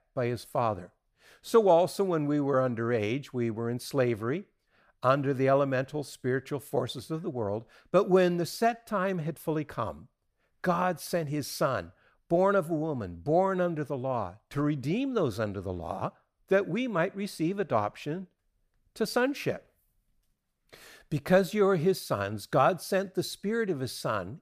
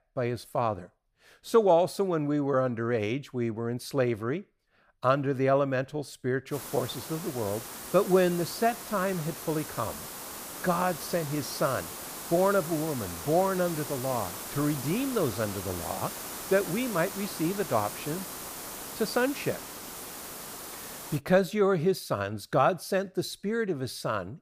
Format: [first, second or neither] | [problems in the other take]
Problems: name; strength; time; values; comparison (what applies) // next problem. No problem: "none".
first | hiss; loud; from 6.5 to 21 s; 9 dB below the speech